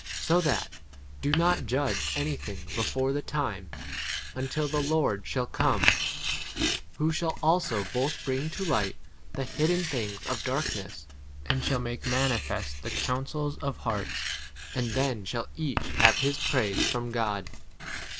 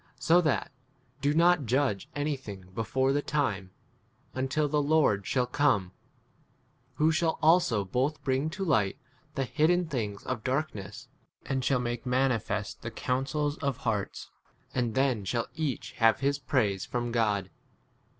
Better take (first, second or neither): second